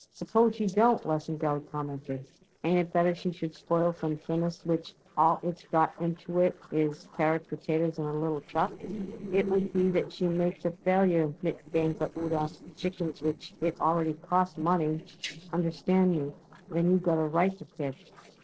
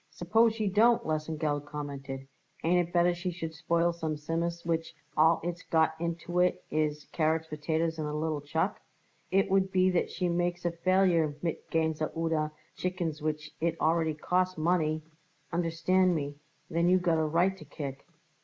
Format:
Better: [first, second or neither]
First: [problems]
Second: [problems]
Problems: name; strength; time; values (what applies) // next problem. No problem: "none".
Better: second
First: noise reduction (neural separator model SepFormer DNS4)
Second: none